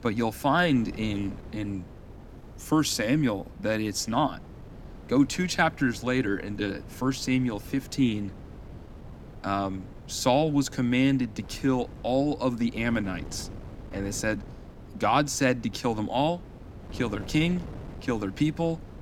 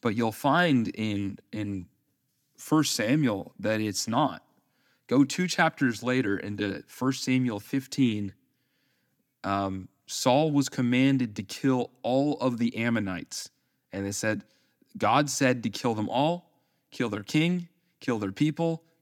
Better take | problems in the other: second | wind noise on the microphone; occasional gusts; 20 dB below the speech

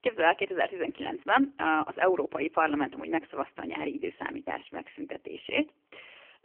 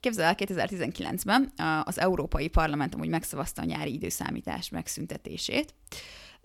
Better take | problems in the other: second | phone-call audio; poor line; nothing above 3 kHz

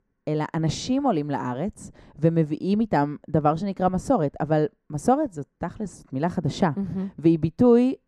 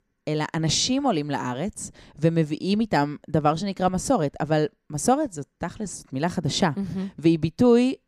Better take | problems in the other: second | muffled; slightly; fading above 2 kHz

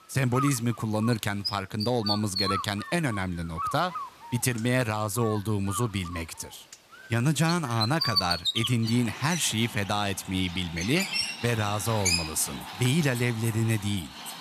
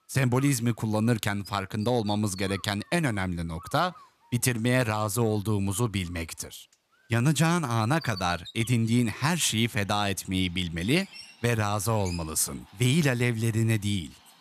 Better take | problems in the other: second | animal sounds; loud; throughout; 4 dB below the speech; faint in the second

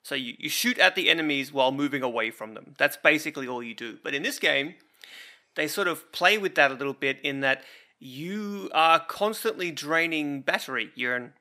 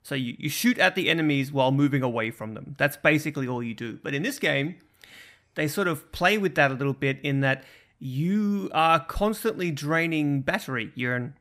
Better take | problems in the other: second | thin; somewhat; fading below 350 Hz

